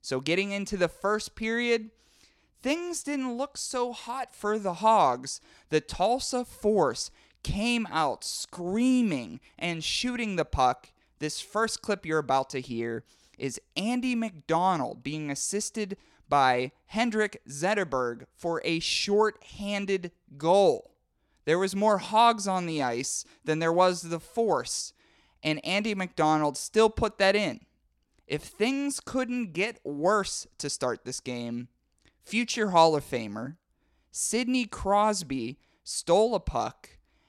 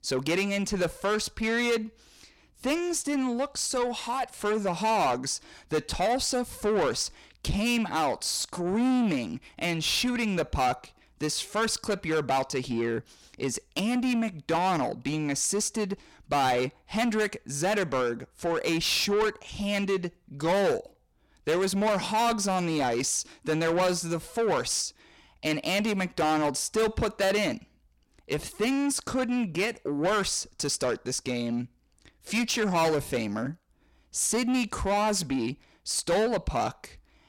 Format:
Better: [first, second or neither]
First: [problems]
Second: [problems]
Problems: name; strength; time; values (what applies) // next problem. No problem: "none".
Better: first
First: none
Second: distortion; heavy; 6 dB below the speech